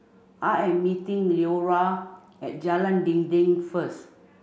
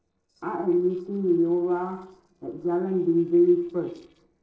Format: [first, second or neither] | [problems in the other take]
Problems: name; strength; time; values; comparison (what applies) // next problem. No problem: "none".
first | noise reduction (neural separator model SepFormer DNS4)